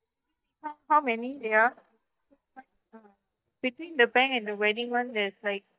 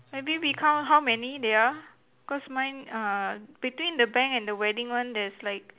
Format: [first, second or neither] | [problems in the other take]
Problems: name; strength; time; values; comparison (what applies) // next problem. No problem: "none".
second | noise reduction (neural mask model DeepFilterNet 3)